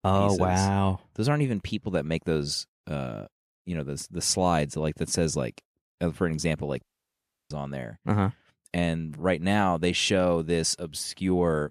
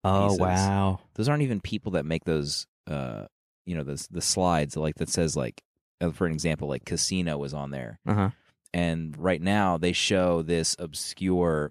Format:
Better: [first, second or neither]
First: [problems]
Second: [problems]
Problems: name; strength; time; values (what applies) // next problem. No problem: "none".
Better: second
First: audio cutting out; at 7 s for 0.5 s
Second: none